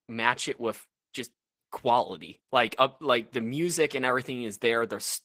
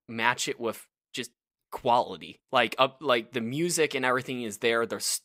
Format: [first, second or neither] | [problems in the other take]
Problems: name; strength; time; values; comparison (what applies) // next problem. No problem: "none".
second | garbled, watery; slightly; nothing above 15.5 kHz